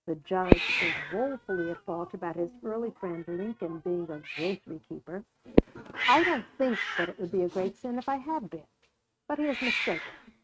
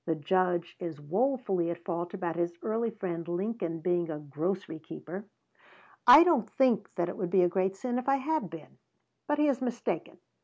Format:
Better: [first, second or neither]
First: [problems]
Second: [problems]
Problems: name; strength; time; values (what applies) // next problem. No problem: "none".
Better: second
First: noise reduction (neural mask model RNNoise)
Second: none